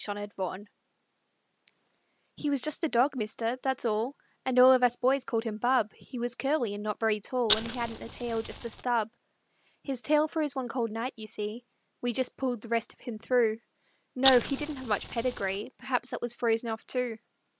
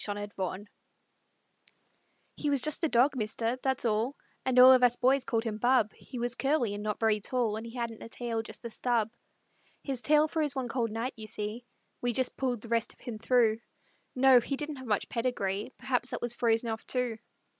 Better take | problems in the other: second | background sound (Fire); 5 dB below the speech

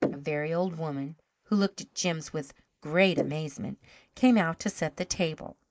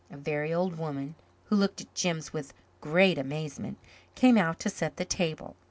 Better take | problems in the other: second | noise reduction (neural mask model Resemble Enhance denoiser)

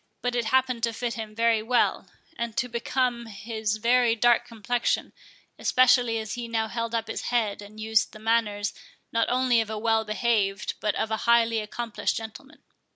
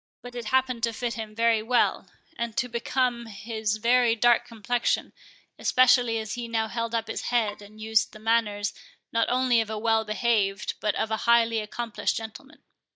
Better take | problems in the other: first | noise reduction (neural mask model DeepFilterNet 3)

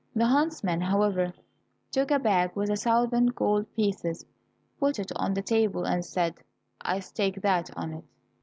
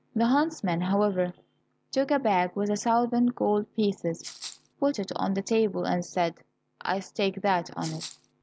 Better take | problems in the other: first | background sound (Rattle (instrument)); 14 dB below the speech

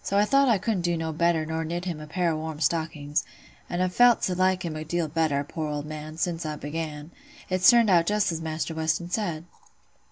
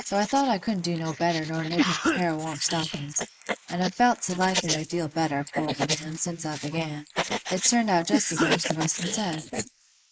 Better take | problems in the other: first | noise reduction (neural mask model Resemble Enhance denoiser)

